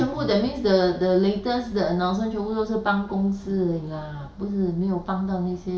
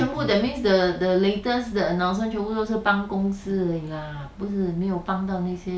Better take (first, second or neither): second